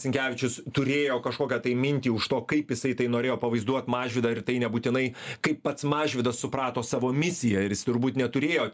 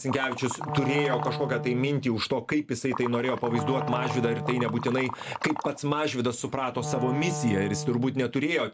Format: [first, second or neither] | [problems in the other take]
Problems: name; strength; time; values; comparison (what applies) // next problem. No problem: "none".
first | background sound (Wind instrument, woodwind instrument + Liquid); 6 dB below the speech